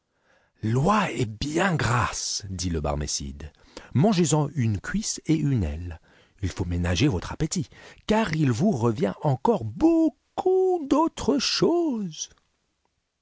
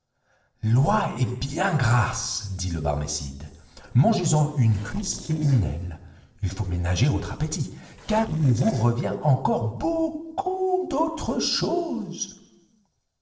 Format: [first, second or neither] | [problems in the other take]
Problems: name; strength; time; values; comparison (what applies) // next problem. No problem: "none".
first | noise reduction (neural separator model SepFormer DNS4)